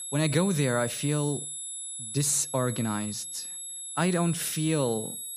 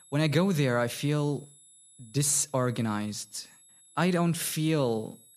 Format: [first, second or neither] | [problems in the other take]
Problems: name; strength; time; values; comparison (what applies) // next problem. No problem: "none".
second | high-pitched whine; loud; throughout; 11 kHz, 7 dB below the speech; faint in the second